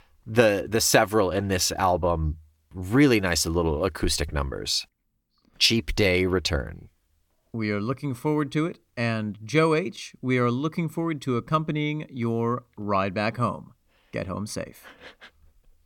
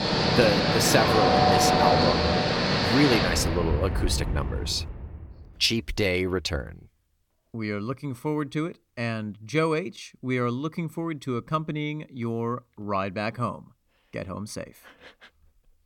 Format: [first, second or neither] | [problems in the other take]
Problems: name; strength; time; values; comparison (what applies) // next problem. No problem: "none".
first | train or aircraft noise; very loud; until 4.5 s; 5 dB above the speech